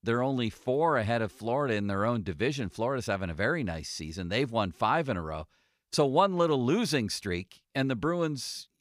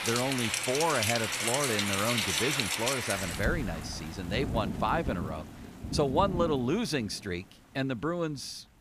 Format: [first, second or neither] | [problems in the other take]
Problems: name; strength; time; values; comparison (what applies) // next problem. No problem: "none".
first | rain or running water; very loud; throughout; as loud as the speech